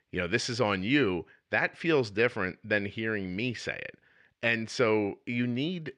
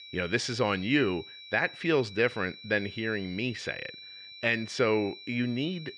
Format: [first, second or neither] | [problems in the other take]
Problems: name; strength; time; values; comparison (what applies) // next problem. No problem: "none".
first | high-pitched whine; noticeable; throughout; 4 kHz, 15 dB below the speech